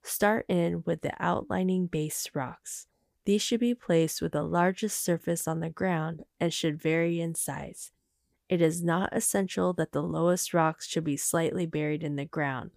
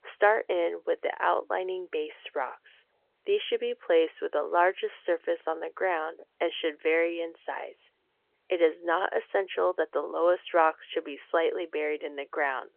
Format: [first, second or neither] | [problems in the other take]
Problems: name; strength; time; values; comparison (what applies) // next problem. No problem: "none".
first | phone-call audio; nothing above 3.5 kHz